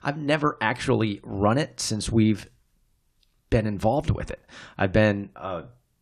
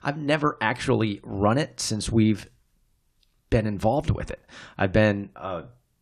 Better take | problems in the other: neither | none

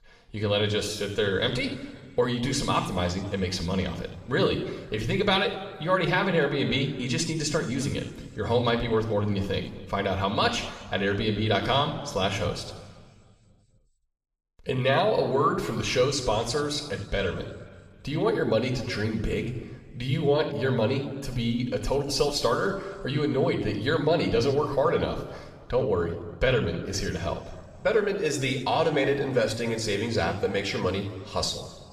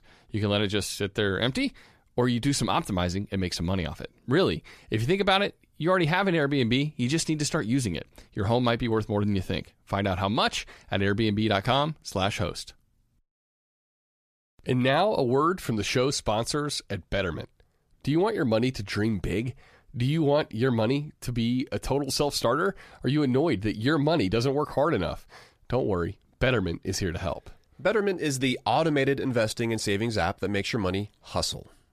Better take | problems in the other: second | room echo; slight; dies away in 1.5 s // off-mic speech; somewhat distant

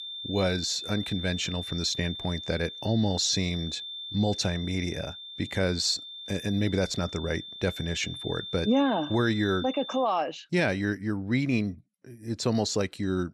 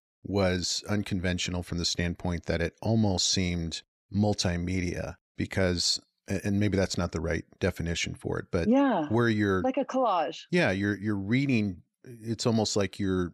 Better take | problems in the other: second | high-pitched whine; loud; until 10 s; 3.5 kHz, 9 dB below the speech

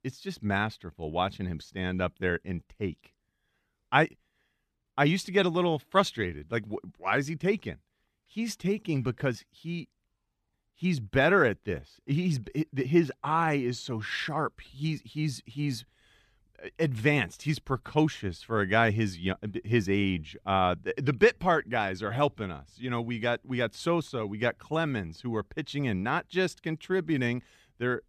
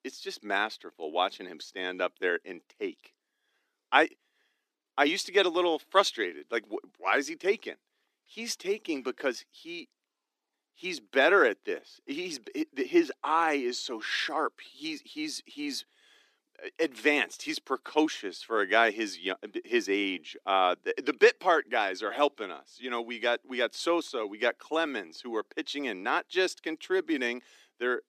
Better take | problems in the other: first | thin; somewhat; fading below 300 Hz

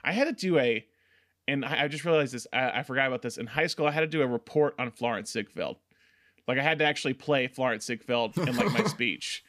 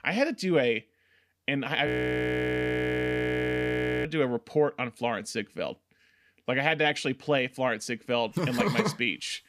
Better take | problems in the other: first | audio freezing; at 2 s for 2 s

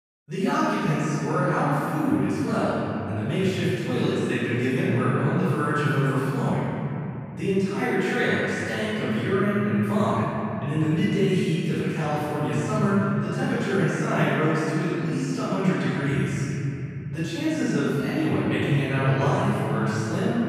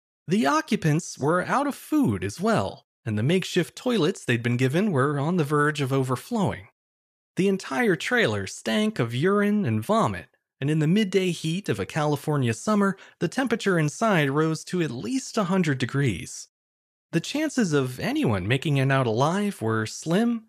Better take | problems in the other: second | room echo; strong; dies away in 3 s // off-mic speech; far

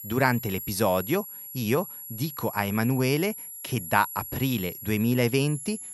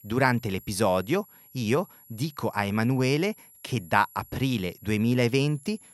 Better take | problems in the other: second | high-pitched whine; loud; throughout; 11.5 kHz, 10 dB below the speech; faint in the second

